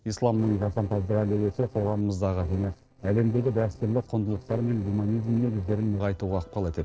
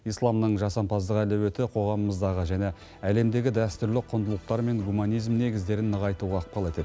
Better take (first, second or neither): second